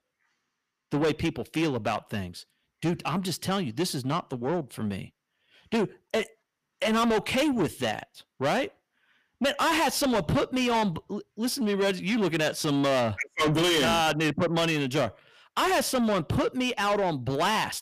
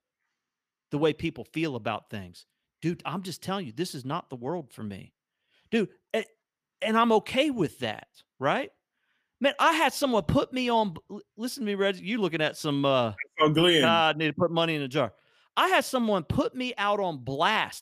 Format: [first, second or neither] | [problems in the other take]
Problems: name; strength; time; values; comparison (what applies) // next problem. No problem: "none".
second | distortion; heavy; 6 dB below the speech